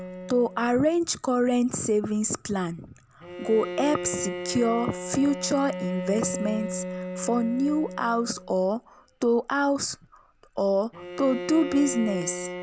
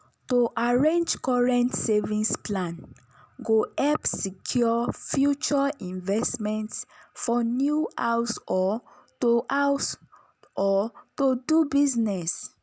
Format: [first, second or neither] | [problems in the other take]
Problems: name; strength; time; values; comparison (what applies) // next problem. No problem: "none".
second | background sound (Bowed string instrument); 10 dB below the speech